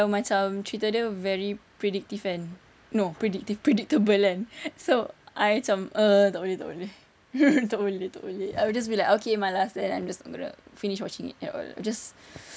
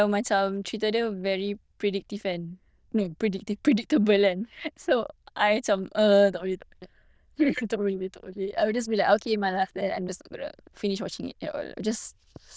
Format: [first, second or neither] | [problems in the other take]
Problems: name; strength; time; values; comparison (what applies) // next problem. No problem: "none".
first | noise reduction (neural diffusion model UNIVERSE++)